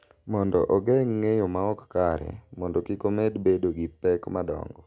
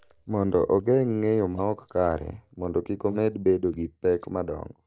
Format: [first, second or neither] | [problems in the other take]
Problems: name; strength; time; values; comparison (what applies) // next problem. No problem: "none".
first | noise reduction (neural mask model DeepFilterNet 3)